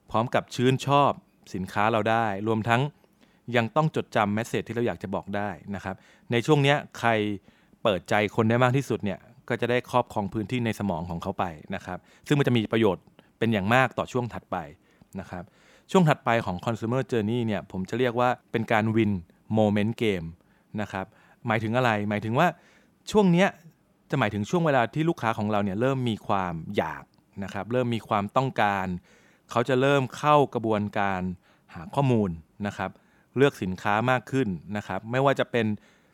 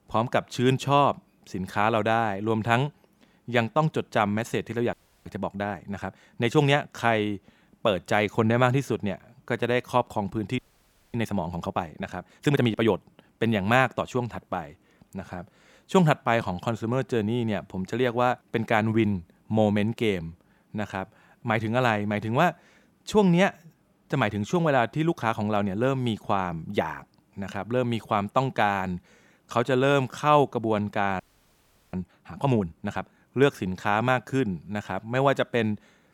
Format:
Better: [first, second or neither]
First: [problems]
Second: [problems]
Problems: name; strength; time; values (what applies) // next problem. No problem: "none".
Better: first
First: none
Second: audio freezing; at 5 s, at 11 s for 0.5 s and at 31 s for 0.5 s